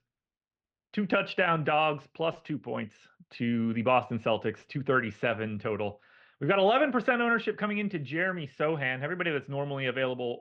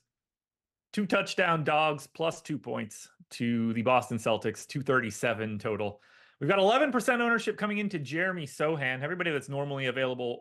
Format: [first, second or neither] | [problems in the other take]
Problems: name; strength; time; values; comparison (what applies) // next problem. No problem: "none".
second | muffled; slightly; fading above 3.5 kHz